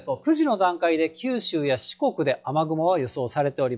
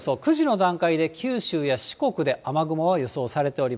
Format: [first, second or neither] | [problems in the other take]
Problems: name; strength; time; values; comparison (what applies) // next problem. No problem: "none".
second | noise reduction (classical method log-MMSE)